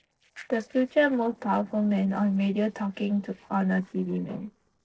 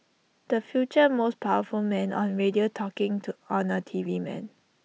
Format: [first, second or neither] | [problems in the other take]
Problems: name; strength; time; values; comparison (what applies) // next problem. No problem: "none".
second | noise reduction (neural separator model SepFormer DNS4)